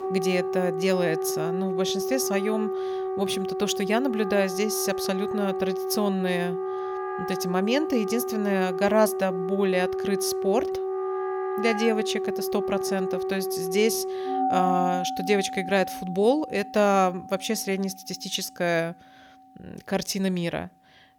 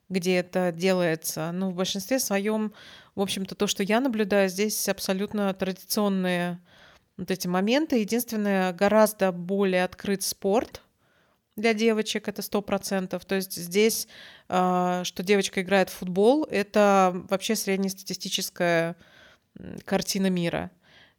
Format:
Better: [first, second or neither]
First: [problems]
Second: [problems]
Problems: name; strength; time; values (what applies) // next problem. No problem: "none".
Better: second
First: background music; loud; throughout; 3 dB below the speech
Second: none